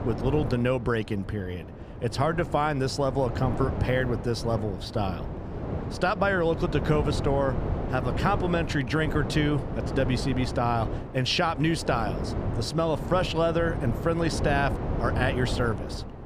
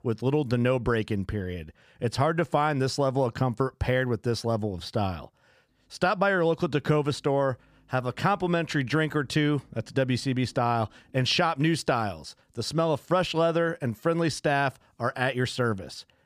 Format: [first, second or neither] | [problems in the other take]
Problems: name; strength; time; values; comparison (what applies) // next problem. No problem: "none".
second | wind noise on the microphone; heavy; 9 dB below the speech